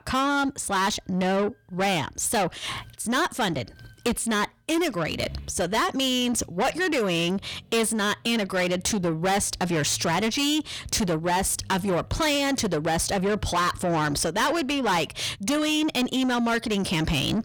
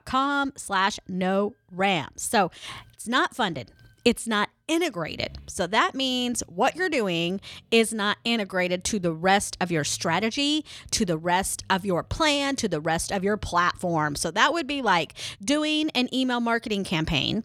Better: second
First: distortion; heavy; 7 dB below the speech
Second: none

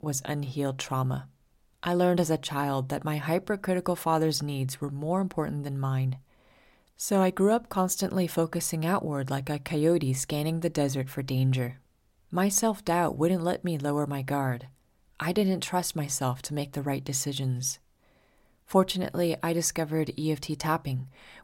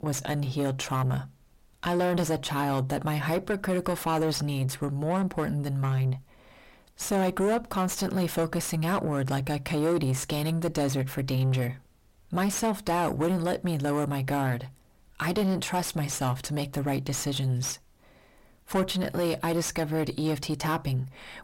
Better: first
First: none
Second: distortion; heavy; 6 dB below the speech

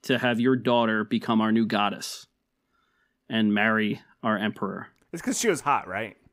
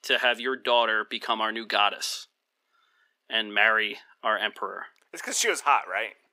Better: first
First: none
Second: thin; very; fading below 500 Hz

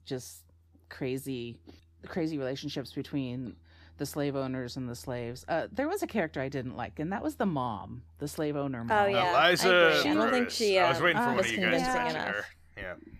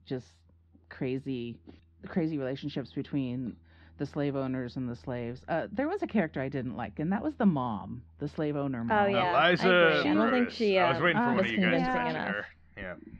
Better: first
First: none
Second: muffled; slightly; fading above 3.5 kHz

